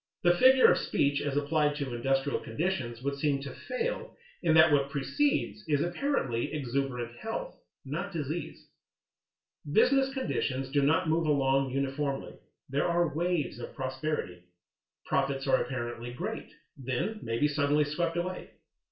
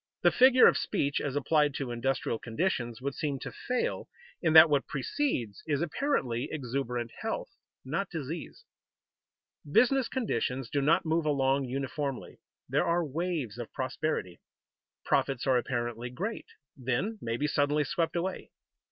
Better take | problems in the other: second | room echo; dies away in 0.3 s

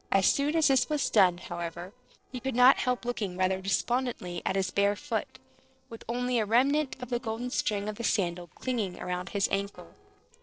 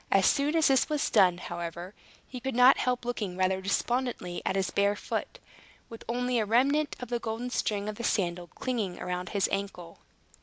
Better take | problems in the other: second | noise reduction (neural separator model SepFormer DNS4)

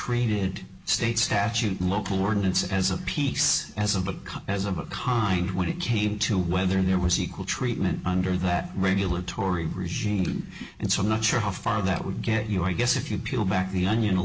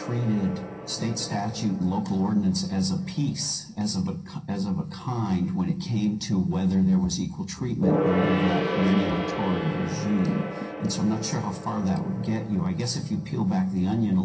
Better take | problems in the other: first | background sound (Gong); 8 dB below the speech // room echo; dies away in 0.3 s

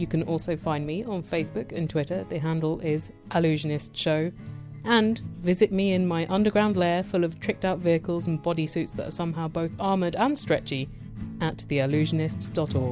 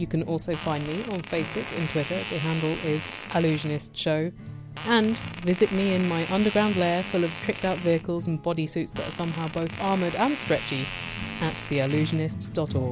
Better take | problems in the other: first | background sound (Fart); 12 dB below the speech

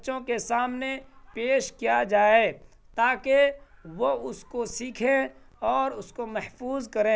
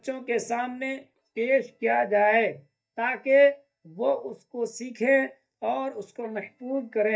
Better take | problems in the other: first | noise reduction (neural mask model DeepFilterNet 3)

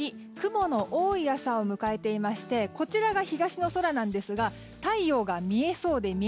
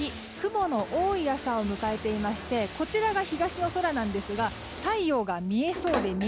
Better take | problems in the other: first | background sound (Bathtub (filling or washing)); 11 dB below the speech

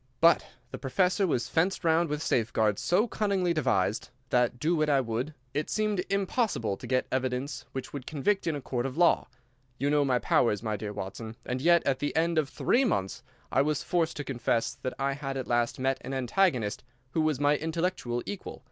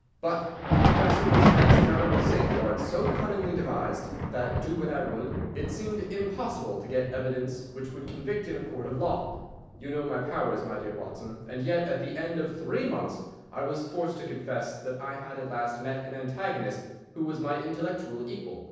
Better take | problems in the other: first | background sound (Thunder); 2 dB above the speech // room echo; dies away in 1.1 s

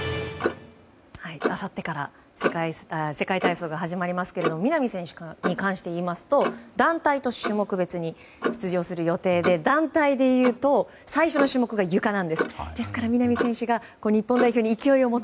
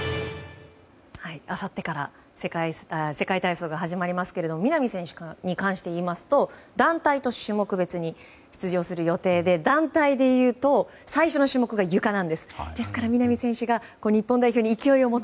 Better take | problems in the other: second | background sound (Clock); 10 dB below the speech

